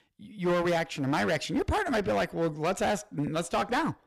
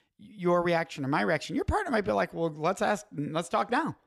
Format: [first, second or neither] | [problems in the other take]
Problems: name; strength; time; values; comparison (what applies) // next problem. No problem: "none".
second | distortion; heavy; 15% of the sound clipped